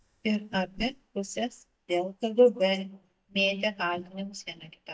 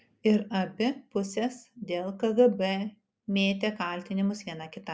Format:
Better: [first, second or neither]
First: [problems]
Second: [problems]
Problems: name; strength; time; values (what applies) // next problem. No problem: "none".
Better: second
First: noise reduction (neural mask model DeepFilterNet 3)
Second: none